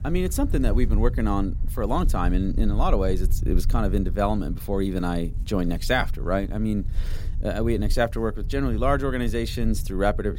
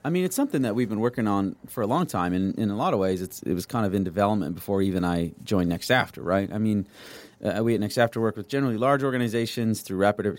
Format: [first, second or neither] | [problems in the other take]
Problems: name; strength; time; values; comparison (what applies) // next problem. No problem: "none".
second | low rumble; faint; throughout; 20 dB below the speech